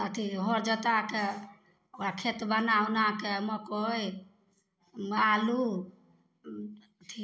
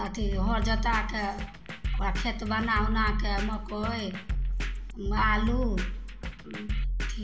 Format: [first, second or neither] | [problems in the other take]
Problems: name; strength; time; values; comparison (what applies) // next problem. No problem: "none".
first | background sound (Drum kit); 2 dB above the speech // room echo; dies away in 1.4 s